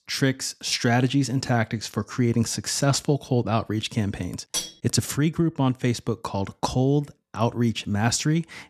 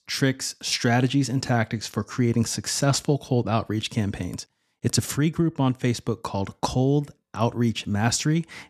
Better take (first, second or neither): second